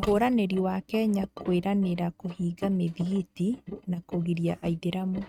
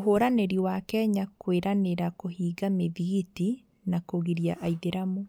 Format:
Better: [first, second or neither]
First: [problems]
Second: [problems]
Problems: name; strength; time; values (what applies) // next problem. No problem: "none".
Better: second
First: noise reduction (neural mask model RNNoise)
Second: none